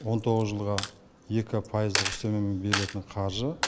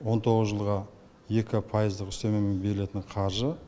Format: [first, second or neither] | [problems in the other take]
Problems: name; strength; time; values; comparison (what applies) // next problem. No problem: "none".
second | background sound (Coin (dropping)); 6 dB below the speech